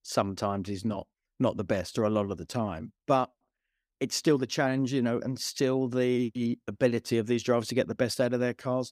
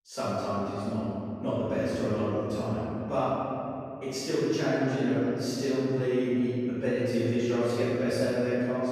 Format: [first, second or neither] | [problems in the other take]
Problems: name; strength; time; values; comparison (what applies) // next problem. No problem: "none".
first | off-mic speech; far // room echo; strong; dies away in 2.7 s